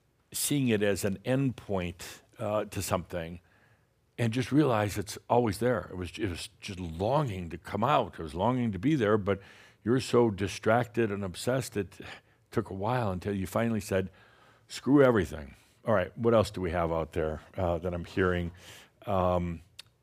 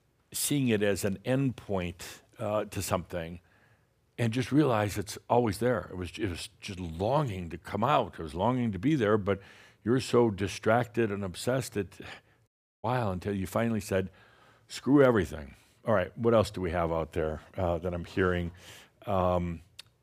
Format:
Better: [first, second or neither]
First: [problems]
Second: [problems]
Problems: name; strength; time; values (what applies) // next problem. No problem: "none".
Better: first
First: none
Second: audio cutting out; at 12 s